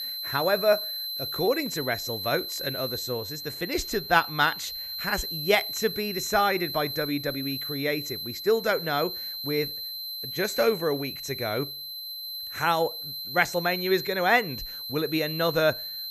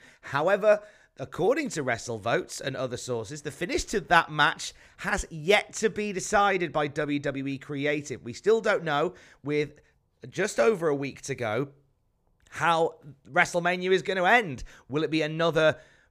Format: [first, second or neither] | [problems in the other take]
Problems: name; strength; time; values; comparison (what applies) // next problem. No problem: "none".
second | high-pitched whine; loud; throughout; 4 kHz, 5 dB below the speech